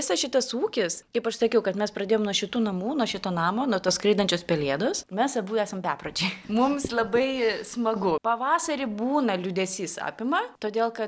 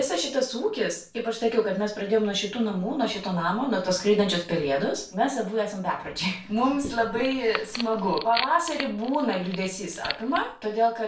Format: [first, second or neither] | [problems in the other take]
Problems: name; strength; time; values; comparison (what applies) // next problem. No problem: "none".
first | background sound (Wood); 11 dB below the speech // room echo; dies away in 0.3 s